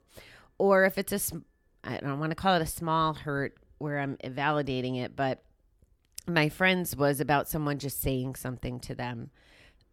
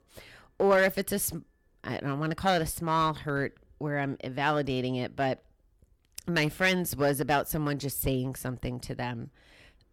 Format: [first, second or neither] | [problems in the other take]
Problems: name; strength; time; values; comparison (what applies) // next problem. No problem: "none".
first | distortion; slight; 2% of the sound clipped